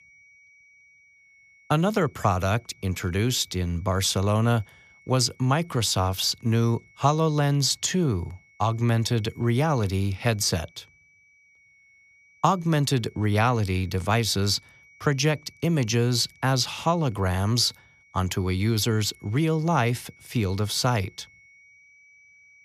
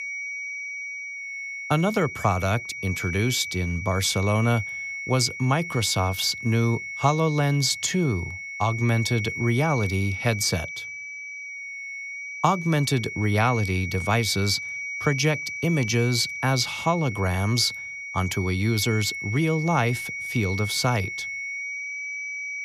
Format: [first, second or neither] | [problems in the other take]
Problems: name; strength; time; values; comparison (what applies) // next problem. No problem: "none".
first | high-pitched whine; loud; throughout; 2 kHz, 7 dB below the speech; faint in the first